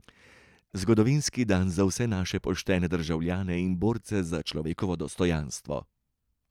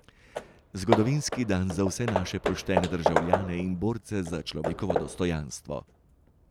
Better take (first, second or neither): first